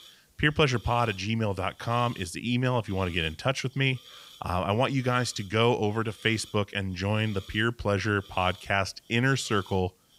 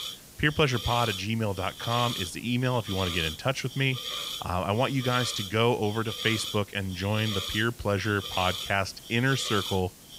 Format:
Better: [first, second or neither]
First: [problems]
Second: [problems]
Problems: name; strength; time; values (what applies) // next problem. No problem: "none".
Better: first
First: hiss; faint; throughout; 25 dB below the speech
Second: hiss; loud; throughout; 7 dB below the speech